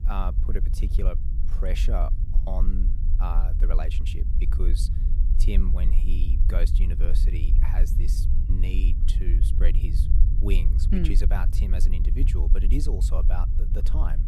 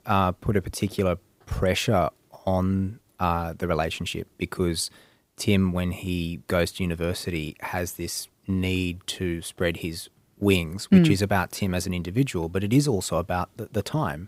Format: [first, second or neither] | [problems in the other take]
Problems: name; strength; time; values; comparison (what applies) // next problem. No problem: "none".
second | low rumble; loud; throughout; 6 dB below the speech